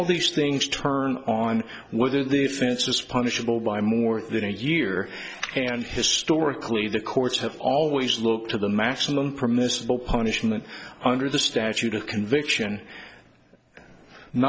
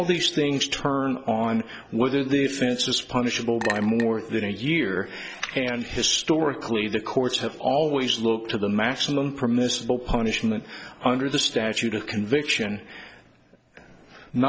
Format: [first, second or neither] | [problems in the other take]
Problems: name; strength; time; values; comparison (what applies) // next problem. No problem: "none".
first | background sound (Chink, clink); 11 dB below the speech